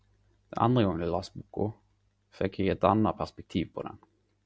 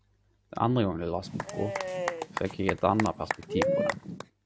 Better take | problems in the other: first | background sound (Applause / Cheering / Clapping); 1 dB below the speech

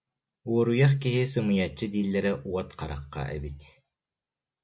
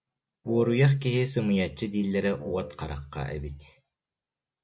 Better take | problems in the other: first | background sound (Wind instrument, woodwind instrument); 13 dB below the speech

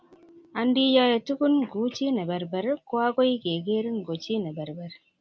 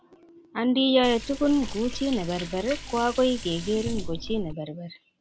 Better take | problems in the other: first | background sound (Liquid); 9 dB below the speech

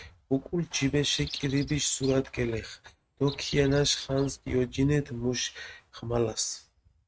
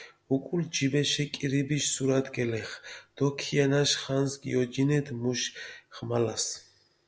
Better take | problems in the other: second | noise reduction (neural mask model RNNoise)

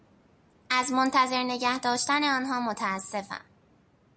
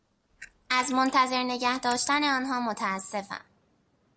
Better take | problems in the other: first | noise reduction (neural separator model SepFormer DNS4)

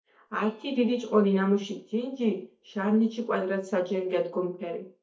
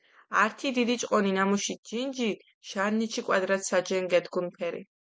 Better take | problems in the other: second | noise reduction (neural mask model DeepFilterNet 3)

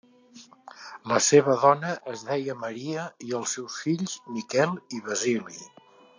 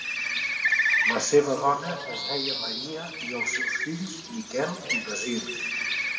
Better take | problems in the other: first | background sound (Bird); 1 dB above the speech // room echo; dies away in 1.7 s

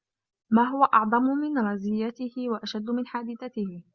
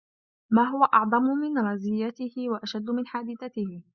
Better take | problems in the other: first | noise reduction (neural mask model Resemble Enhance denoiser)

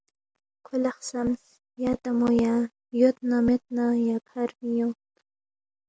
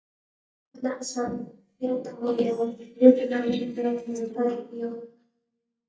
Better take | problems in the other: first | noise reduction (neural mask model DeepFilterNet 3)

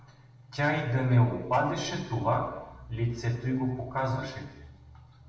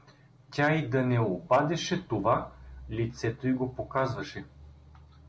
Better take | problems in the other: second | room echo; dies away in 1 s

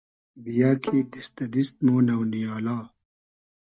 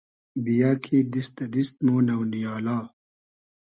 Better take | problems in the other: second | noise reduction (neural mask model DeepFilterNet 3)

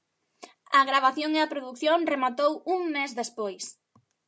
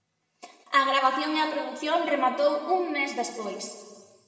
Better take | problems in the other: first | room echo; dies away in 1.5 s

